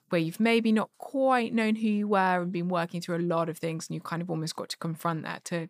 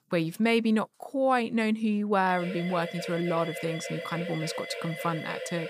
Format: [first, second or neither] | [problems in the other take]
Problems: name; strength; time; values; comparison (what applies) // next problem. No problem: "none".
first | siren; noticeable; from 2.5 s on; peak 7 dB below the speech